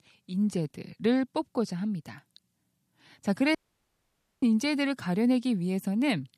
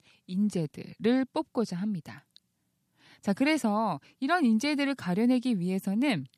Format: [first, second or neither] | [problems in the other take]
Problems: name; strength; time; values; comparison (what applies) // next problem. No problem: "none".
second | audio cutting out; at 3.5 s for 1 s